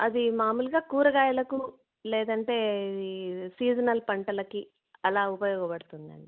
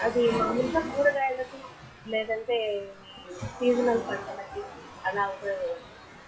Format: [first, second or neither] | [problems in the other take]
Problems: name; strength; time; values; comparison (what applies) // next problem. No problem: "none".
first | noise reduction (classical method WPE with log-MMSE)